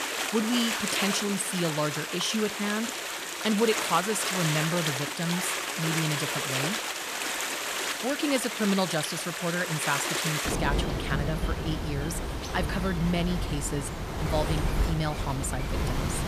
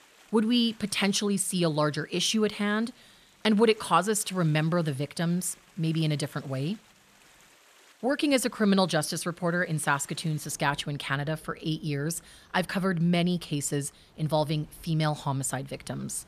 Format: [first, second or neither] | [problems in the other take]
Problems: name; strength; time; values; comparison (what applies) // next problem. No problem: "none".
second | rain or running water; loud; throughout; as loud as the speech; faint in the second